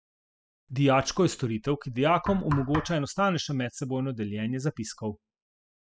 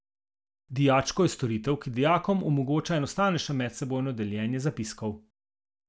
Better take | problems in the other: second | noise reduction (classical method spectral subtraction)

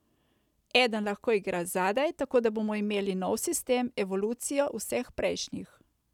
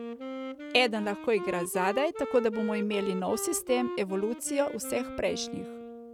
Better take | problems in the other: first | background sound (Wind instrument, woodwind instrument); 8 dB below the speech

